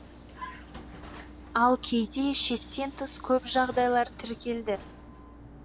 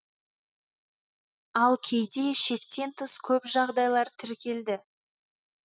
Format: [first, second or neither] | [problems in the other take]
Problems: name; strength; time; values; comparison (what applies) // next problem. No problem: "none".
second | background sound (Vehicle); 15 dB below the speech